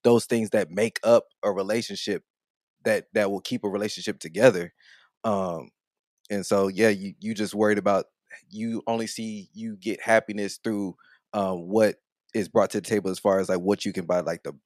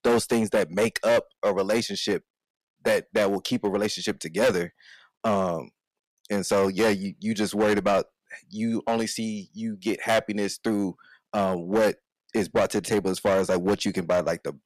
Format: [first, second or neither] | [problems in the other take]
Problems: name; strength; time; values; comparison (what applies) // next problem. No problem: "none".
first | distortion; heavy; 7% of the sound clipped